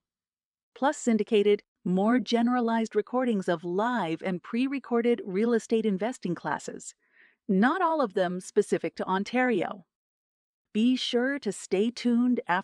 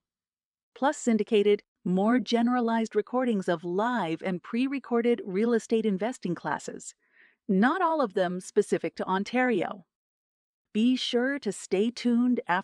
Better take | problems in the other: neither | none

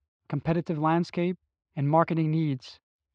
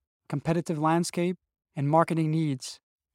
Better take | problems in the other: second | muffled; very slightly; fading above 4 kHz

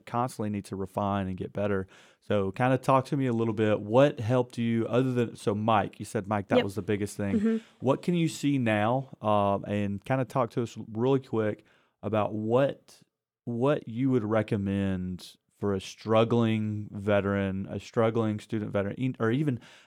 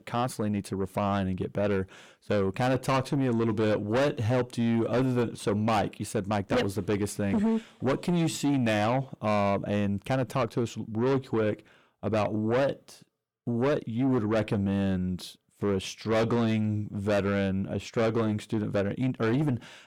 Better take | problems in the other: first | distortion; heavy; 8 dB below the speech

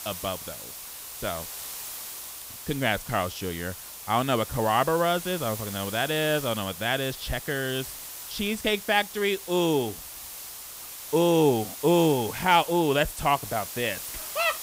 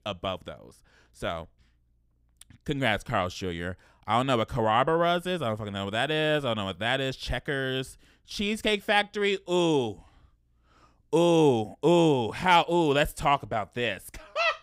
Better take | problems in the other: second | hiss; noticeable; throughout; 10 dB below the speech

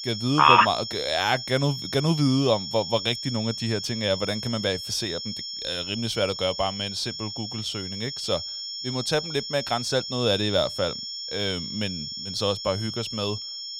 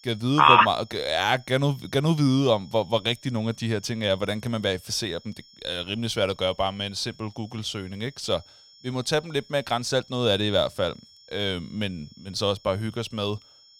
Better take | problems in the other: second | high-pitched whine; loud; throughout; 5.5 kHz, 6 dB below the speech; faint in the second

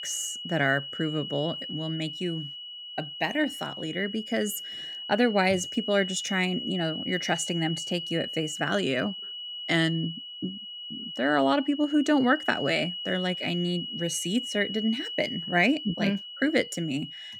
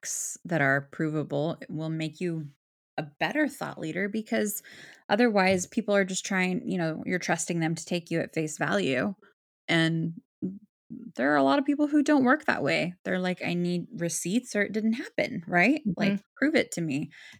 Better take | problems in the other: second | high-pitched whine; loud; throughout; 3 kHz, 7 dB below the speech

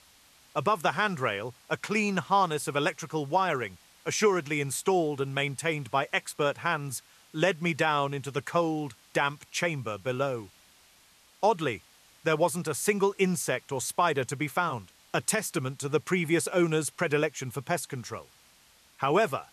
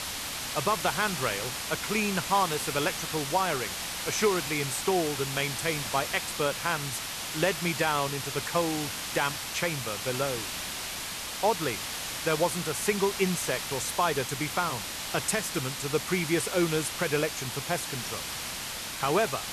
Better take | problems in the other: first | hiss; loud; throughout; 3 dB below the speech; faint in the first

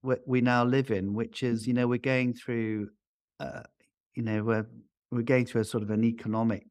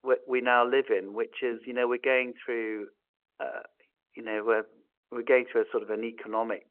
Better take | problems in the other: first | phone-call audio

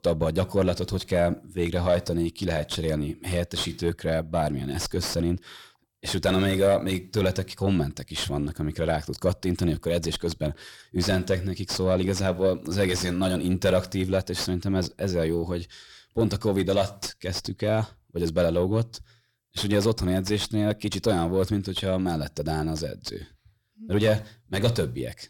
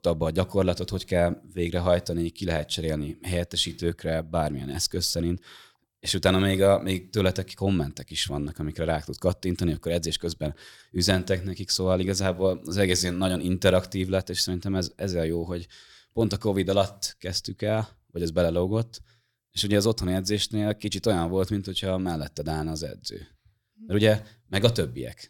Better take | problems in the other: second | distortion; slight; 9 dB below the speech

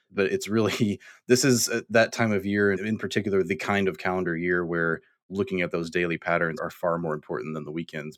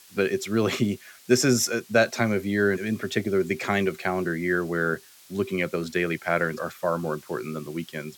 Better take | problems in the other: first | hiss; faint; throughout; 25 dB below the speech

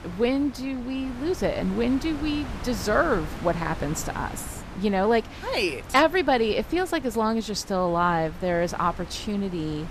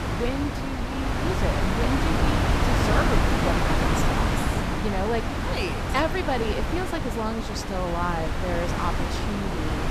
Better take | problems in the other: first | wind noise on the microphone; heavy; 2 dB above the speech; occasional gusts in the first

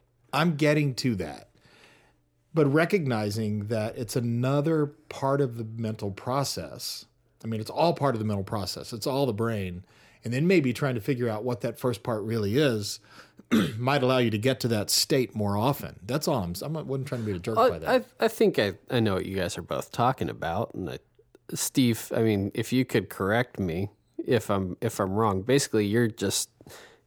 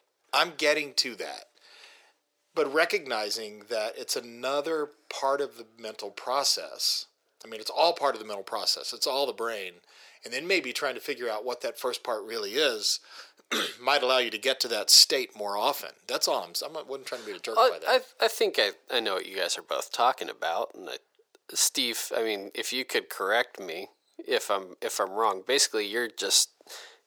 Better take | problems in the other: first | thin; very; fading below 500 Hz

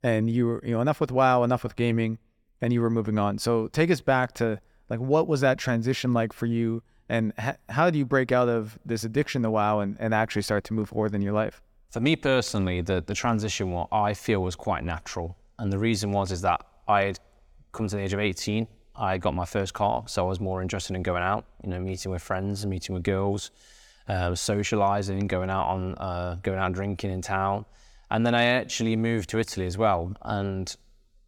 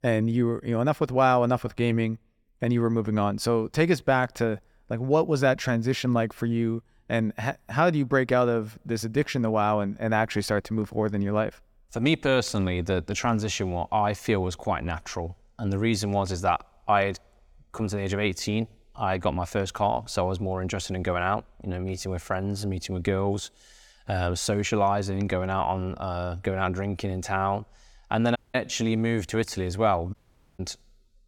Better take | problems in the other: first | audio cutting out; at 28 s and at 30 s

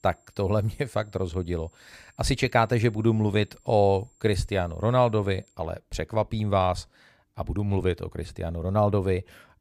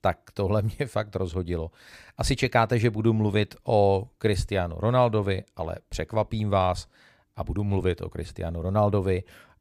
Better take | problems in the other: second | high-pitched whine; faint; until 5.5 s; 7.5 kHz, 35 dB below the speech

